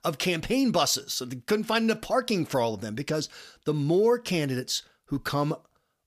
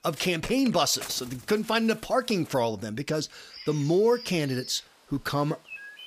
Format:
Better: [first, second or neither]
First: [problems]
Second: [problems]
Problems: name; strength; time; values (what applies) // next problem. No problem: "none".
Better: first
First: none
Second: animal sounds; noticeable; throughout; 15 dB below the speech